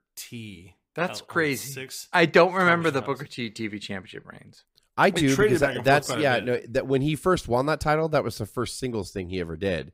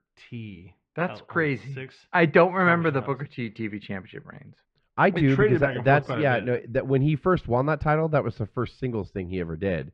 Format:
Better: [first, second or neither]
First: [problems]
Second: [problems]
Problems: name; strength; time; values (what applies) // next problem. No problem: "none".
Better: first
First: none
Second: muffled; very; fading above 2.5 kHz